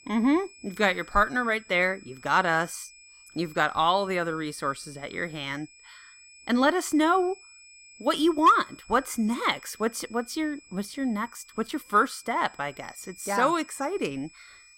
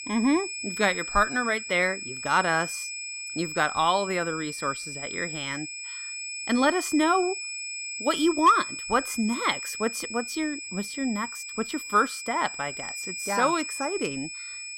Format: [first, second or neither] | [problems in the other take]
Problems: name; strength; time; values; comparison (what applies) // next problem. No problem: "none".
first | high-pitched whine; loud; throughout; 2.5 kHz, 7 dB below the speech; faint in the first